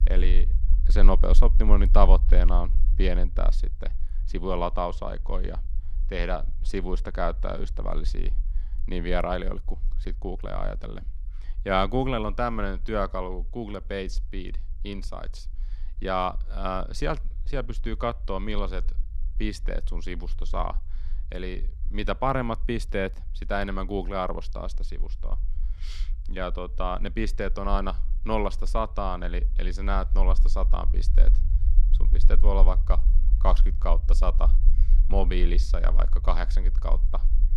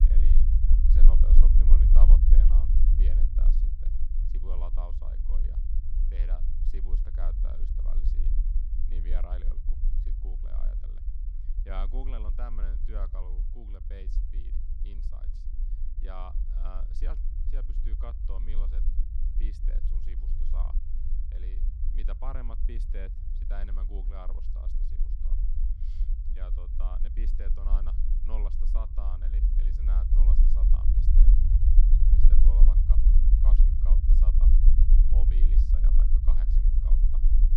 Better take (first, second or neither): first